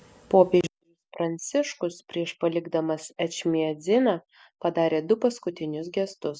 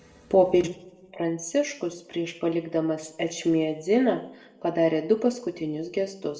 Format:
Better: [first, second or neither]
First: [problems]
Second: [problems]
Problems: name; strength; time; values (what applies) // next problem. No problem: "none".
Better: first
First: none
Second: room echo; dies away in 0.6 s